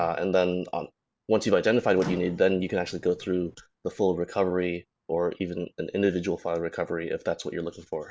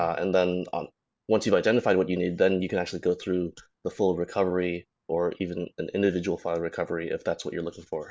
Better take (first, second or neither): second